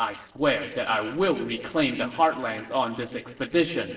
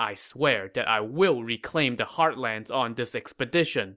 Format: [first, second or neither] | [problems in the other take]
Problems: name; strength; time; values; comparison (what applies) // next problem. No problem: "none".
second | noise reduction (neural separator model SepFormer DNS4)